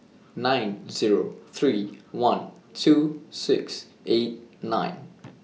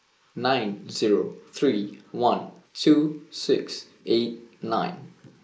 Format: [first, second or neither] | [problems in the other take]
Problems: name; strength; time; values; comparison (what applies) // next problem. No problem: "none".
first | noise reduction (neural mask model Resemble Enhance denoiser)